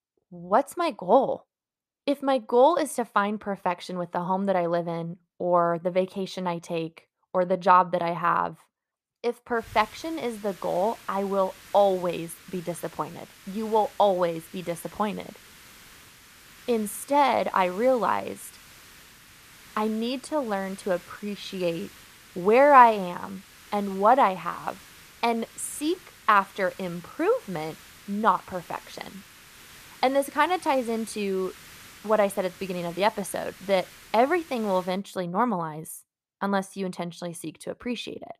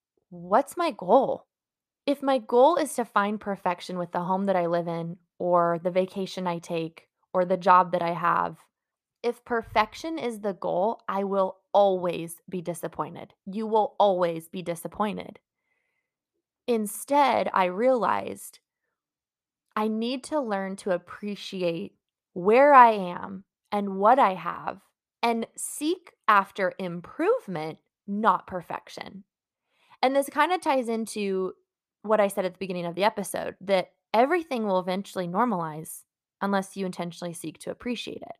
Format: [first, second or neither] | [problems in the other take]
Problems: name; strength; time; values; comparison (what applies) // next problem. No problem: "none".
second | hiss; faint; from 9.5 to 35 s; 20 dB below the speech